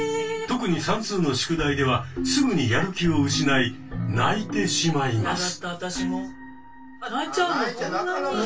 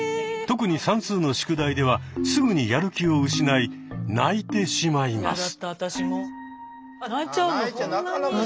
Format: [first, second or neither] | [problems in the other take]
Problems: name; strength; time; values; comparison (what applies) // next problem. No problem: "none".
second | background sound (Piano); 19 dB below the speech // room echo; dies away in 0.1 s